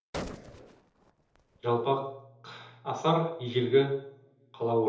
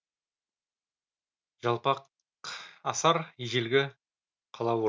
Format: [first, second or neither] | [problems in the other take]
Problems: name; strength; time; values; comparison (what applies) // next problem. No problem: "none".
second | background sound (Gunshot, gunfire); 14 dB below the speech // room echo; dies away in 0.8 s